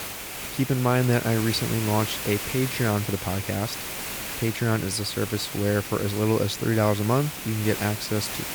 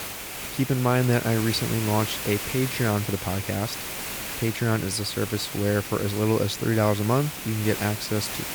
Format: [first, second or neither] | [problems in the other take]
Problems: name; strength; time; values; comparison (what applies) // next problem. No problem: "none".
neither | hiss; loud; throughout; 6 dB below the speech; the same in both